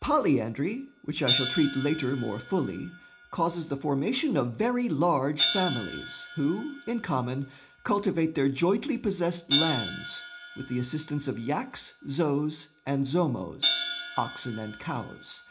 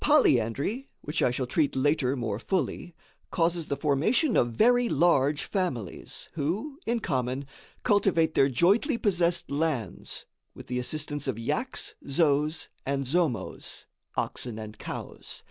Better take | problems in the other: second | background sound (Hi-hat); 7 dB below the speech // room echo; dies away in 0.4 s

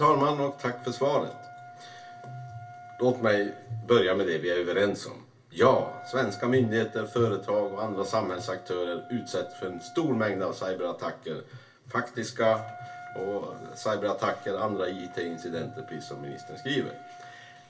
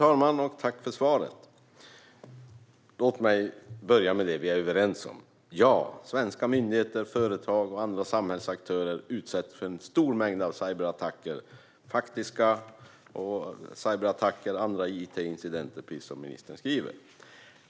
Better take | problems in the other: second | background sound (Wind instrument, woodwind instrument); 18 dB below the speech // room echo; dies away in 0.2 s

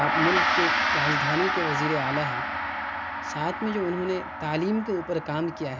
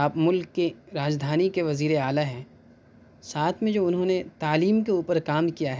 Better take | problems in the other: second | background sound (Gong); 1 dB above the speech

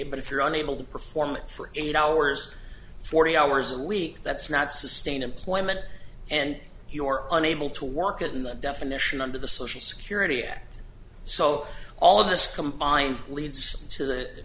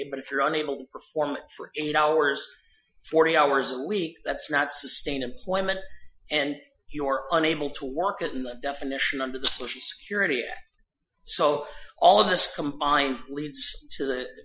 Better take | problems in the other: first | noise reduction (classical method Wiener filter)

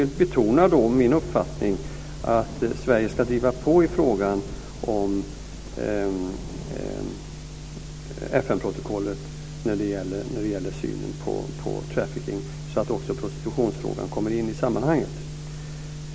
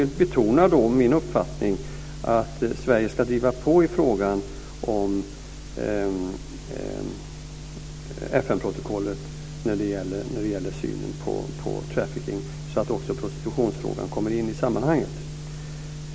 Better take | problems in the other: second | background sound (Thunder); 19 dB below the speech

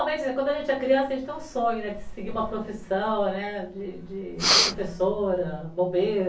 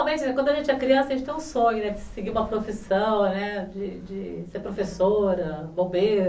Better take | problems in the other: second | background sound (Breathing); 2 dB above the speech // room echo; dies away in 0.3 s

